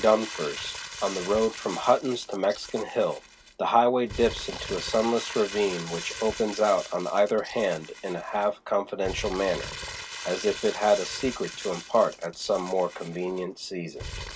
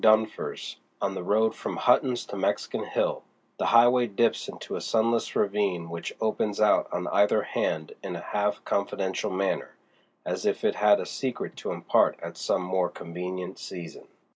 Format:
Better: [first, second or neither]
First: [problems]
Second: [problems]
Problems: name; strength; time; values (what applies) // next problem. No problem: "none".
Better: second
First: background sound (Crumpling, crinkling); 13 dB below the speech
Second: none